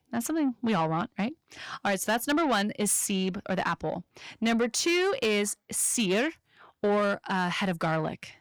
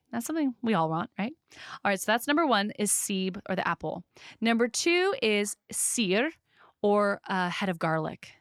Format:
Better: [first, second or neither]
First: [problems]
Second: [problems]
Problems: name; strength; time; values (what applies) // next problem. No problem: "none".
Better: second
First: distortion; slight; 10 dB below the speech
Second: none